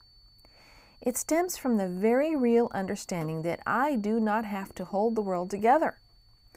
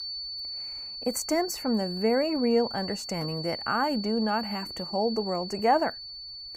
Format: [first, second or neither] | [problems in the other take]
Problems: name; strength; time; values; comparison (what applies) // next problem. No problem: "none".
first | high-pitched whine; loud; throughout; 4.5 kHz, 7 dB below the speech; faint in the first